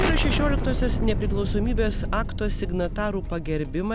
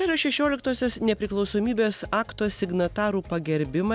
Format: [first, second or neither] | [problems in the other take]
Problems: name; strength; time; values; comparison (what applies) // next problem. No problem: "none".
second | background sound (Explosion); 2 dB above the speech